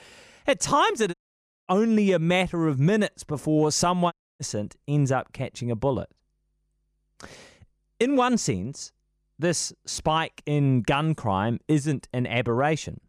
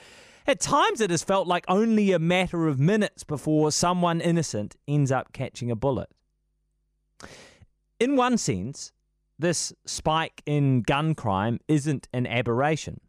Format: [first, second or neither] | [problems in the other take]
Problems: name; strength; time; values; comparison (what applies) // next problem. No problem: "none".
second | audio cutting out; at 1 s for 0.5 s and at 4 s